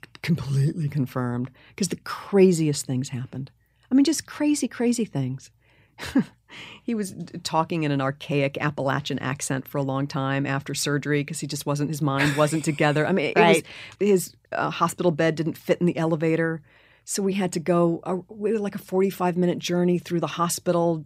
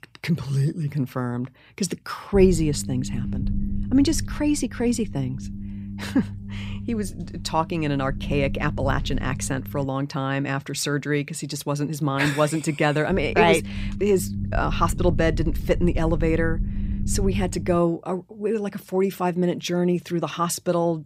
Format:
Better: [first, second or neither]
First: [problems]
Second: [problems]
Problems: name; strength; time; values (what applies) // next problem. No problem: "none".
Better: first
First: none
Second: low rumble; noticeable; from 2.5 to 10 s and from 13 to 18 s; 15 dB below the speech